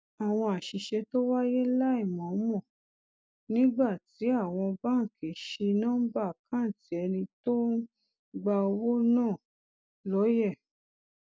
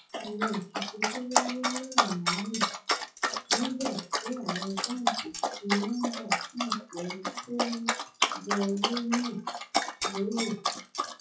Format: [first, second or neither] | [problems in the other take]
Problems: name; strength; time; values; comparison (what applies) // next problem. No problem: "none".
first | noise reduction (classical method WPE with log-MMSE)